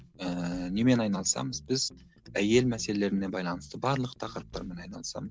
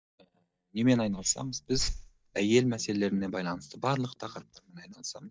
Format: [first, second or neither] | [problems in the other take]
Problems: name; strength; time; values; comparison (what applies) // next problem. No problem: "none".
first | noise reduction (neural mask model DeepFilterNet 3)